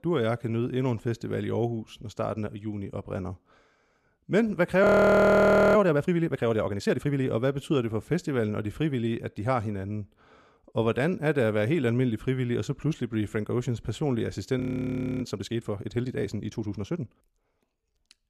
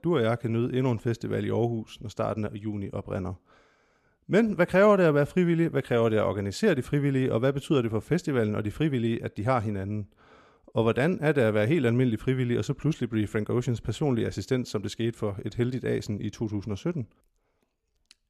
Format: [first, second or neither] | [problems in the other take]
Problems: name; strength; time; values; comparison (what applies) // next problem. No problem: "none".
second | audio freezing; at 5 s for 1 s and at 15 s for 0.5 s